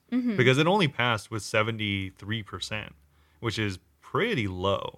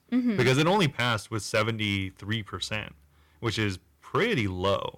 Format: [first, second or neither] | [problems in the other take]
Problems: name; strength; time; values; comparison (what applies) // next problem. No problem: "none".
first | distortion; slight; 3% of the sound clipped